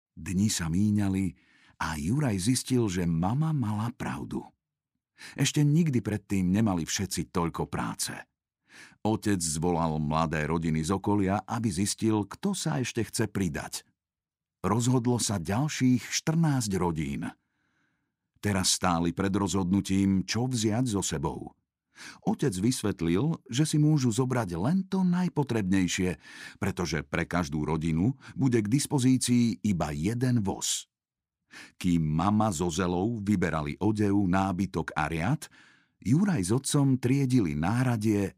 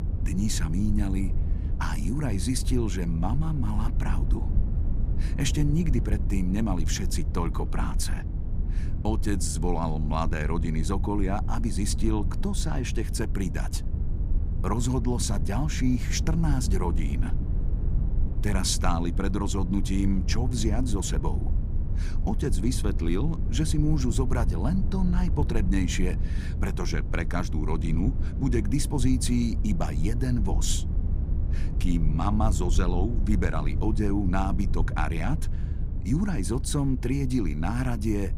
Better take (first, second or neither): first